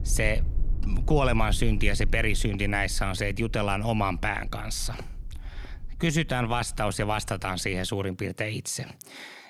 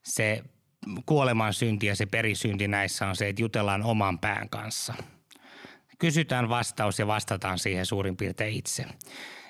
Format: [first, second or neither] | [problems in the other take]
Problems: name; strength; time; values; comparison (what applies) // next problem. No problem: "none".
second | low rumble; faint; until 8 s; 25 dB below the speech